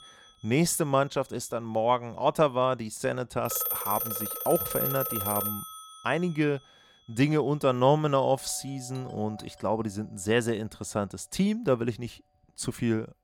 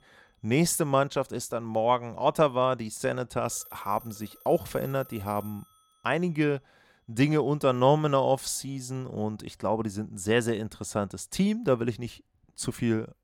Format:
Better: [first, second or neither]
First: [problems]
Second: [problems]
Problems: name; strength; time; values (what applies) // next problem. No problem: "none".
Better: second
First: alarms or sirens; loud; throughout; 3 dB below the speech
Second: alarms or sirens; faint; throughout; 20 dB below the speech